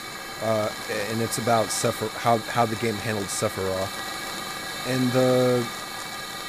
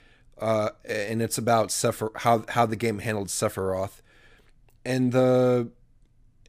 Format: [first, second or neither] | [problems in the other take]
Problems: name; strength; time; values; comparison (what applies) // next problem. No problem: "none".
second | hiss; loud; throughout; 7 dB below the speech